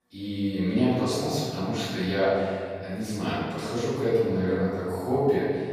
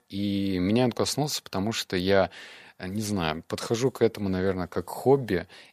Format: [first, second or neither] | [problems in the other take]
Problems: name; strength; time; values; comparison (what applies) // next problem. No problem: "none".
second | off-mic speech; far // room echo; strong; dies away in 1.9 s